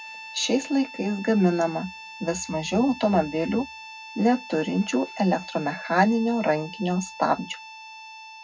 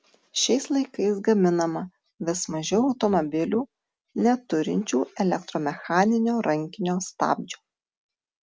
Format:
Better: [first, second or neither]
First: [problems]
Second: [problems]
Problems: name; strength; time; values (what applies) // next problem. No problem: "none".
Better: second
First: background sound (Harmonica); 16 dB below the speech // room echo; dies away in 0.3 s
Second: none